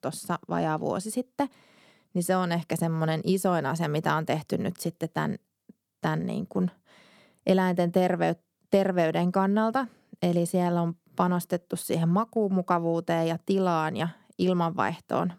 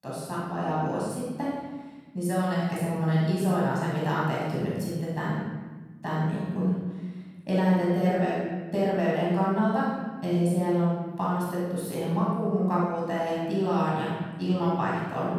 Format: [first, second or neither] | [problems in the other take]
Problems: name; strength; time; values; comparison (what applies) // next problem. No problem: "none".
first | off-mic speech; far // room echo; strong; dies away in 1.3 s